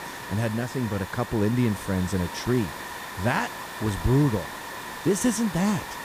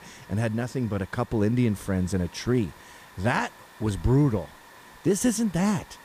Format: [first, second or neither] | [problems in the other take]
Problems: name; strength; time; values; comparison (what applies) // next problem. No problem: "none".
second | hiss; loud; throughout; 9 dB below the speech; faint in the second